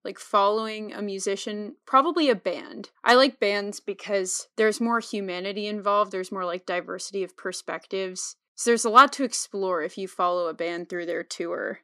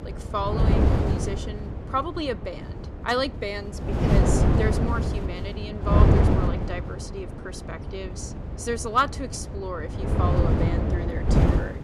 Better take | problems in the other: first | wind noise on the microphone; heavy; 1 dB below the speech

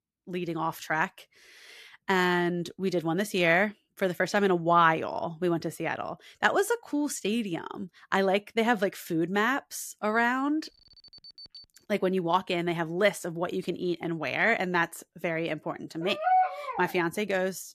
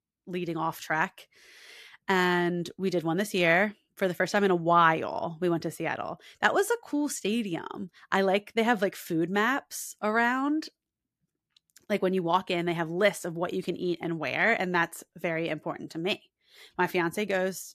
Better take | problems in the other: second | alarm; faint; from 11 to 12 s; peak 15 dB below the speech // dog barking; loud; at 16 s; peak 3 dB above the speech

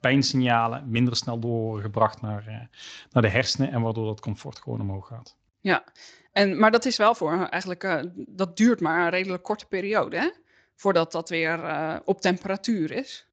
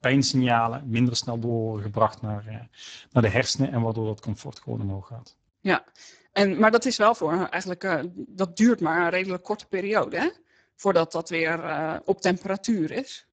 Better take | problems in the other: first | garbled, watery; badly; nothing above 7.5 kHz; slightly in the first

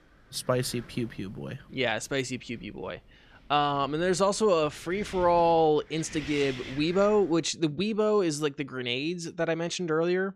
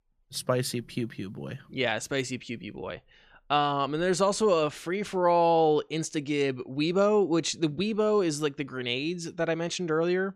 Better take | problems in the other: second | wind noise on the microphone; occasional gusts; until 7.5 s; 20 dB below the speech

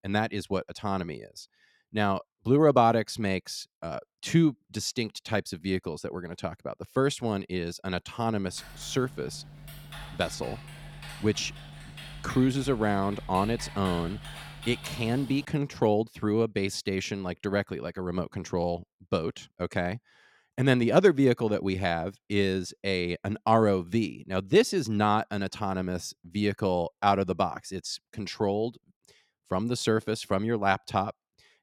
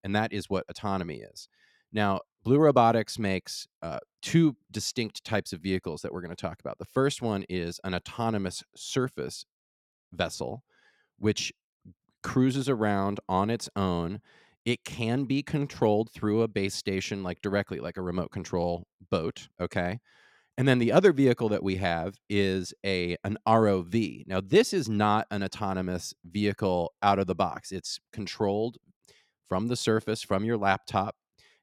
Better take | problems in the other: second | keyboard typing; faint; from 8.5 to 15 s; peak 10 dB below the speech

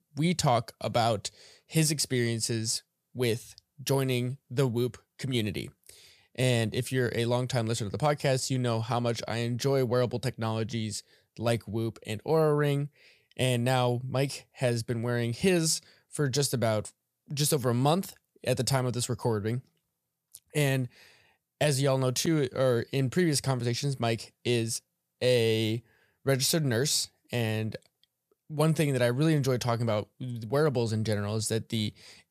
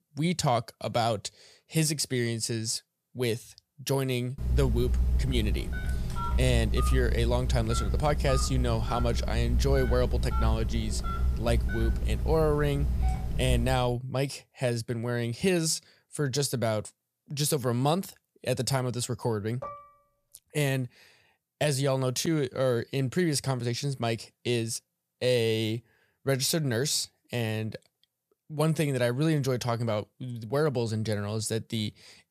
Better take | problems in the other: first | phone ringing; loud; from 4.5 to 14 s; peak 1 dB above the speech // clattering dishes; faint; at 20 s; peak 10 dB below the speech

